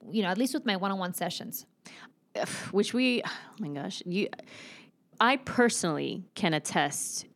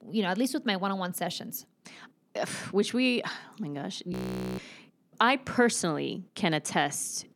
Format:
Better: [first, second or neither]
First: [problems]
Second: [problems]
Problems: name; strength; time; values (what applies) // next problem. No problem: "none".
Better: first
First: none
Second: audio freezing; at 4 s